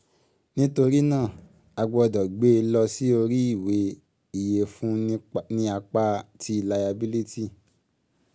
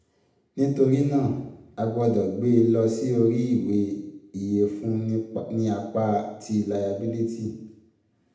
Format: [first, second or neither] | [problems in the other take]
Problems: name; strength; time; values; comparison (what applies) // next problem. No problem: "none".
first | room echo; dies away in 0.8 s